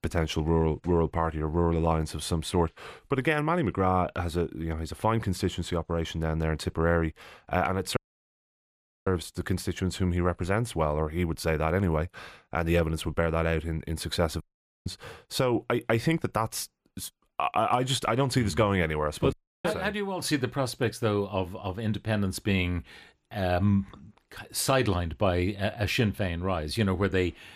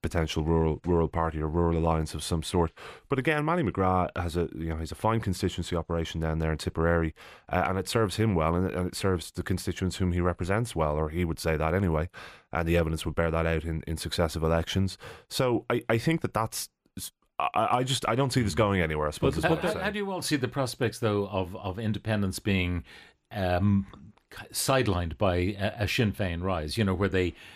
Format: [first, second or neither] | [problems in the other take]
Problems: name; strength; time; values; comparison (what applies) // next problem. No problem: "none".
second | audio cutting out; at 8 s for 1 s, at 14 s and at 19 s